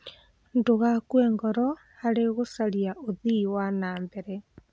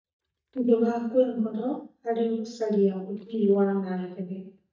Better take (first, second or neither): first